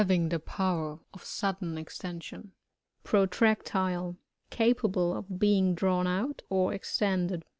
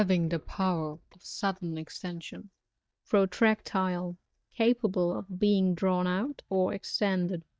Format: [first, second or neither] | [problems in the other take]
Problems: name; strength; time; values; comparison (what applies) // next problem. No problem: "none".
first | noise reduction (neural mask model DeepFilterNet 3)